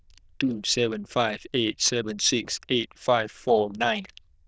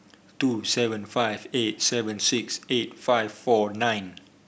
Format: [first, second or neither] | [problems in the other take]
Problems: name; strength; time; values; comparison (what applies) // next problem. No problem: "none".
second | noise reduction (neural diffusion model UNIVERSE++)